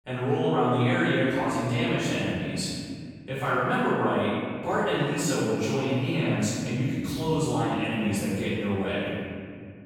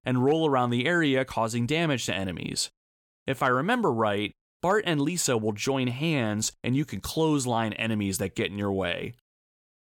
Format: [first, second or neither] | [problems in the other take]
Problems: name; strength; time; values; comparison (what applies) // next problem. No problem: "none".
second | room echo; strong; dies away in 2.1 s // off-mic speech; far